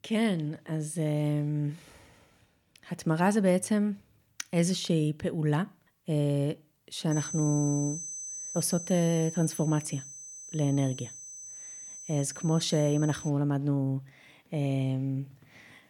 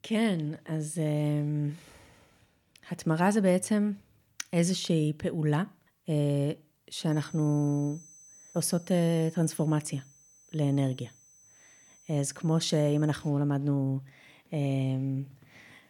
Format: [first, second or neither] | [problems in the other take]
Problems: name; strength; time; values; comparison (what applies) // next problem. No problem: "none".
second | high-pitched whine; loud; from 7 to 13 s; 6 kHz, 10 dB below the speech; faint in the second